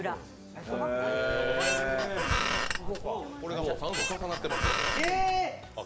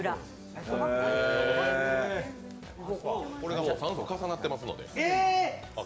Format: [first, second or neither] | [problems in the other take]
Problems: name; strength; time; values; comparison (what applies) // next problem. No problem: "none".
second | background sound (Squeak); as loud as the speech